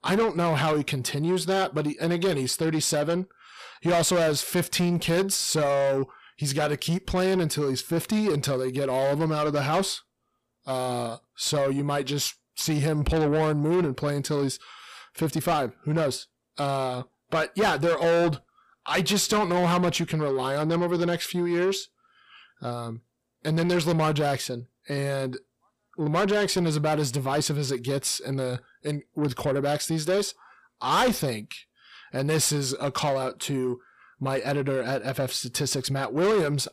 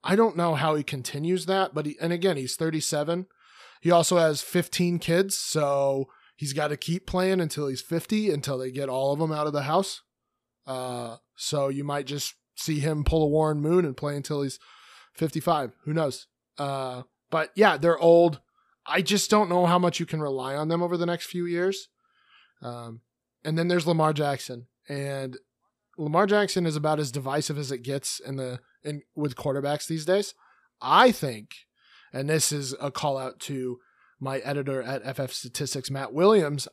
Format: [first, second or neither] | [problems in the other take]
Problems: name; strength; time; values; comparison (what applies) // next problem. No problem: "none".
second | distortion; heavy; 7 dB below the speech